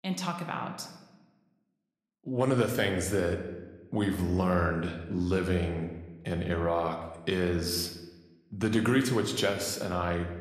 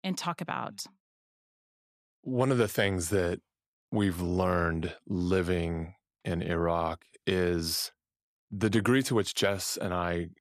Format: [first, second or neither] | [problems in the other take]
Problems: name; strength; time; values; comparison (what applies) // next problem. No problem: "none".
second | room echo; slight; dies away in 0.9 s